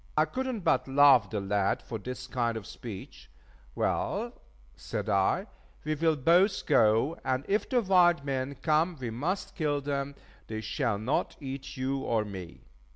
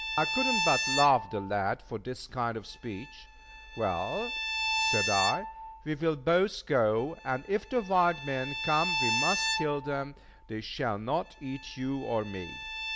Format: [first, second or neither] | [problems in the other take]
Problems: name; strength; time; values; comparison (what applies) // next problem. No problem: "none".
first | background sound (Bowed string instrument); 4 dB below the speech